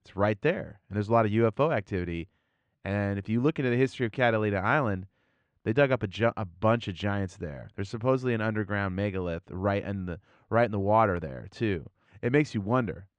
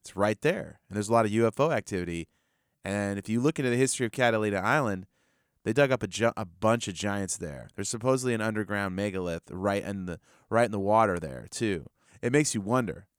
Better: second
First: muffled; slightly; fading above 3.5 kHz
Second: none

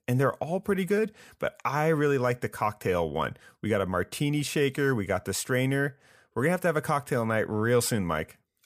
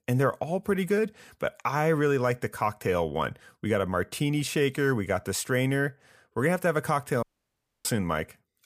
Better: first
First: none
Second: audio cutting out; at 7 s for 0.5 s

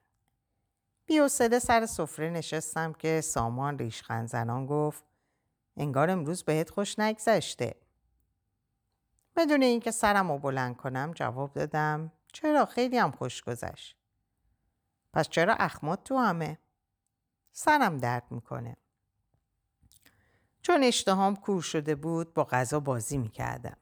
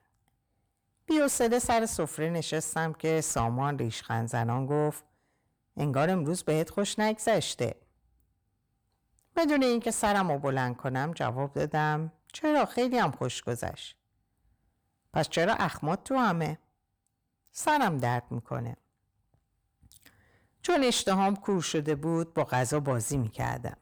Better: first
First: none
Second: distortion; slight; 10 dB below the speech

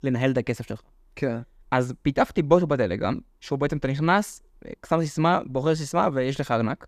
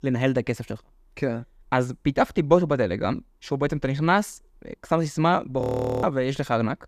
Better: first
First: none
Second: audio freezing; at 5.5 s

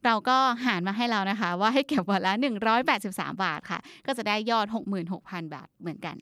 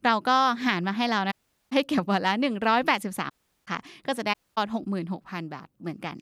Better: first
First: none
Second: audio cutting out; at 1.5 s, at 3.5 s and at 4.5 s

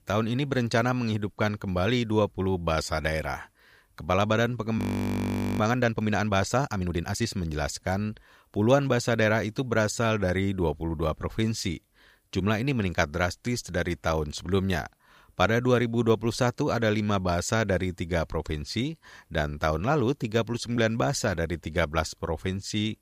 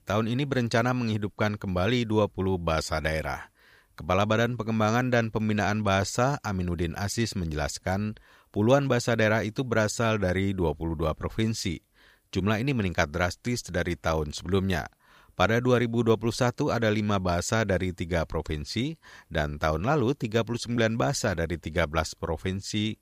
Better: second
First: audio freezing; at 5 s for 1 s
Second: none

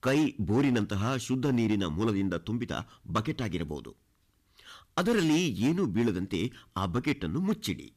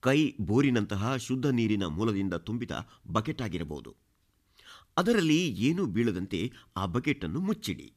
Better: second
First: distortion; slight; 5% of the sound clipped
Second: none

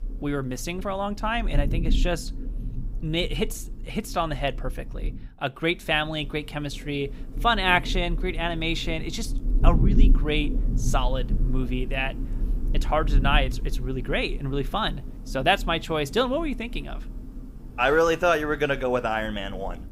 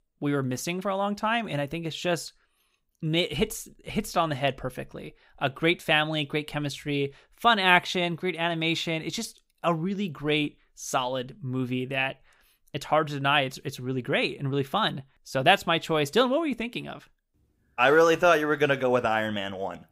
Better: second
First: rain or running water; loud; throughout; 4 dB below the speech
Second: none

